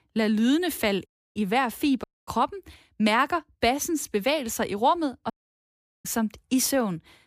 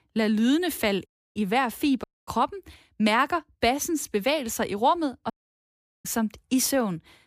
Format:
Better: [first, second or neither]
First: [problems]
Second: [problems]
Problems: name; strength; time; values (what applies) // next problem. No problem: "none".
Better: neither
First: audio cutting out; at 1 s, at 2 s and at 5.5 s for 1 s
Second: audio cutting out; at 1 s, at 2 s and at 5.5 s for 1 s